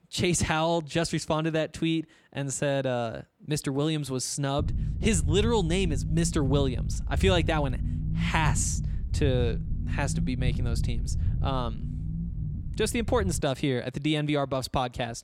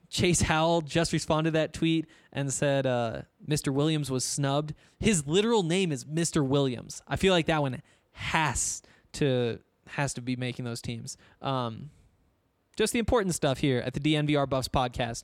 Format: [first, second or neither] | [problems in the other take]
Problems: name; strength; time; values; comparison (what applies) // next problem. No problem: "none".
second | low rumble; noticeable; from 4.5 to 13 s; 15 dB below the speech